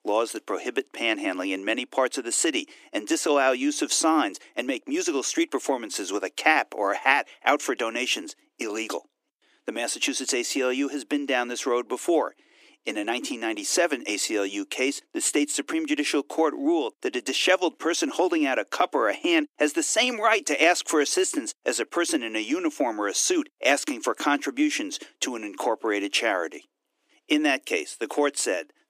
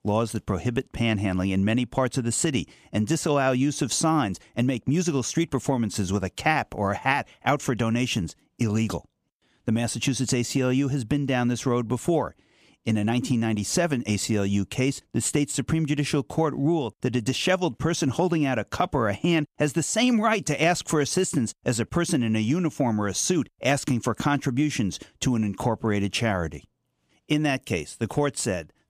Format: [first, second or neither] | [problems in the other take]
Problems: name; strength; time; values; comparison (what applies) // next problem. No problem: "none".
second | thin; somewhat; fading below 300 Hz